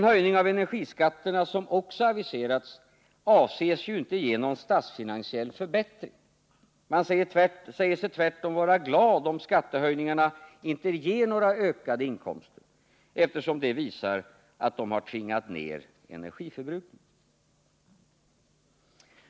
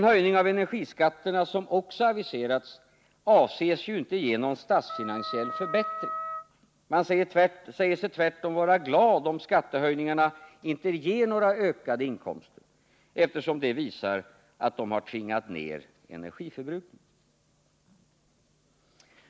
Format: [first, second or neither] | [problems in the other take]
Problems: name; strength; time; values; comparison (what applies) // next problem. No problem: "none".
first | background sound (Wind instrument, woodwind instrument); 8 dB below the speech